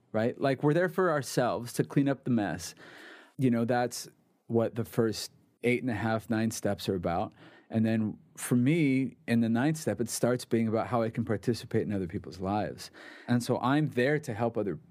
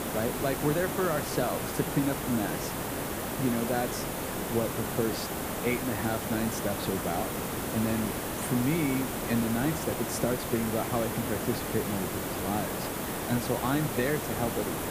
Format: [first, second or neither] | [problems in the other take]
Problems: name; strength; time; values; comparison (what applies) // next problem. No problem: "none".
first | hiss; loud; throughout; 1 dB below the speech